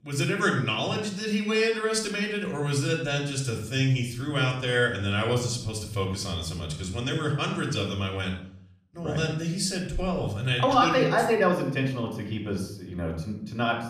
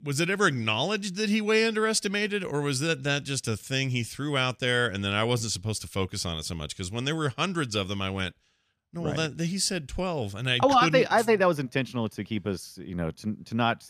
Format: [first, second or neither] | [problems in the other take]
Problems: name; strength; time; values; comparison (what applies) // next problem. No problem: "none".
second | off-mic speech; far // room echo; slight; dies away in 0.5 s